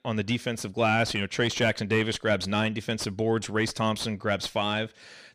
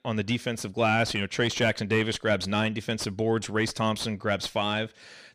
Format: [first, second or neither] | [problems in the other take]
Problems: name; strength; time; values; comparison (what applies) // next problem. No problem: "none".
neither | distortion; slight; 10 dB below the speech; the same in both